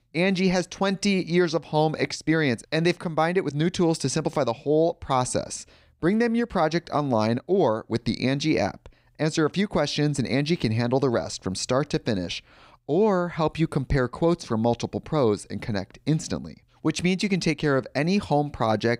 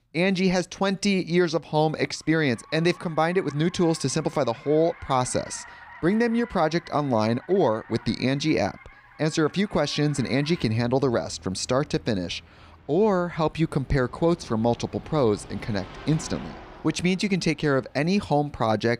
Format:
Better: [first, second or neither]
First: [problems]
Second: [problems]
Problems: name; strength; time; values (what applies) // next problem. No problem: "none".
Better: first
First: none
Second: traffic noise; faint; throughout; 20 dB below the speech